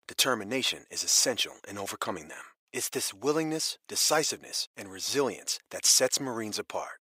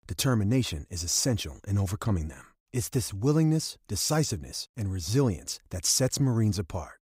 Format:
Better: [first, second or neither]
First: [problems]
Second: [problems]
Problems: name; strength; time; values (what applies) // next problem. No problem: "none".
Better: second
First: thin; very; fading below 550 Hz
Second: none